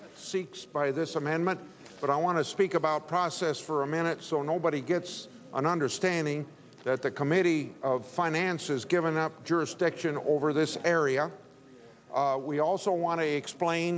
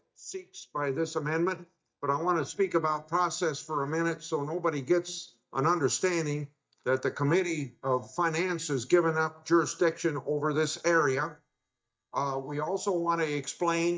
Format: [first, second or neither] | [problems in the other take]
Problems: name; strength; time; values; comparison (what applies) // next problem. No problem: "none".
first | noise reduction (neural mask model DeepFilterNet 3)